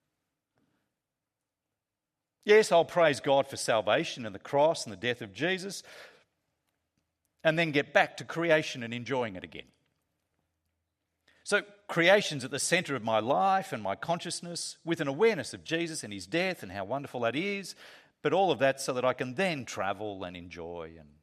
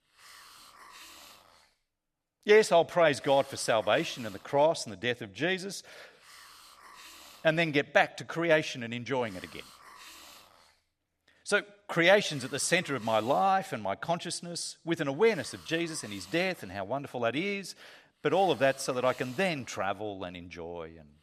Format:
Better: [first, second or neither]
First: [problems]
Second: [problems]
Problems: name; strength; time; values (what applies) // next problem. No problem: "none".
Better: first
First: none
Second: hiss; faint; throughout; 20 dB below the speech